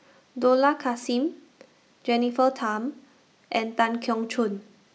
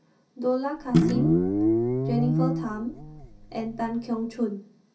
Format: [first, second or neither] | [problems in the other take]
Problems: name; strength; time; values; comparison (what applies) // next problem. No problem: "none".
first | background sound (Guitar); 5 dB above the speech // room echo; dies away in 0.3 s